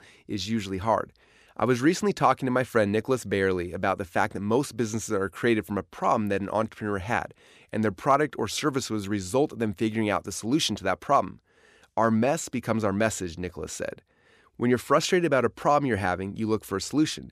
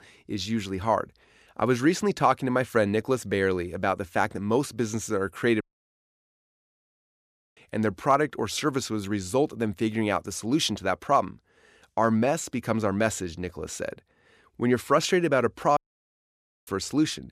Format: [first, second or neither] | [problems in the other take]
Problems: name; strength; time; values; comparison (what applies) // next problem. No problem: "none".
first | audio cutting out; at 5.5 s for 2 s and at 16 s for 1 s